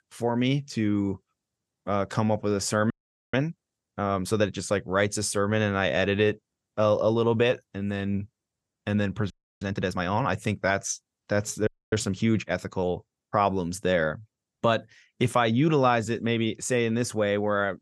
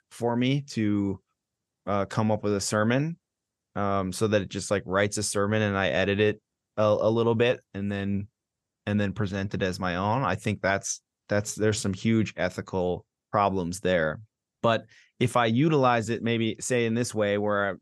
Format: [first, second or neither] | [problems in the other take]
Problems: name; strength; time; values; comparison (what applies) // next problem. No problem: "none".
second | audio freezing; at 3 s, at 9.5 s and at 12 s